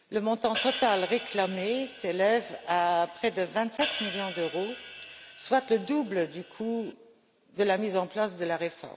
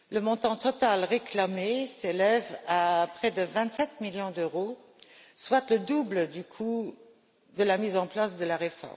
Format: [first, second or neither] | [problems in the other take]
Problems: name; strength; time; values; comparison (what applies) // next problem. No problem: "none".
second | background sound (Hi-hat); 11 dB below the speech